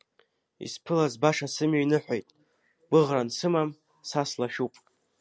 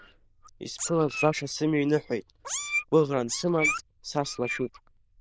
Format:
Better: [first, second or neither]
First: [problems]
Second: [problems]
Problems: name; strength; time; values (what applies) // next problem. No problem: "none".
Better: first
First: none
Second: noise reduction (neural diffusion model UNIVERSE++)